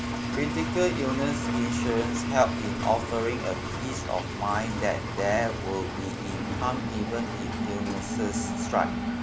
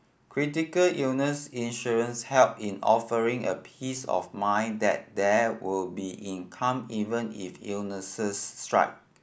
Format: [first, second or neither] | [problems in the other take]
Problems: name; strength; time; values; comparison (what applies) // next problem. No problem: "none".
second | background sound (Engine); 1 dB below the speech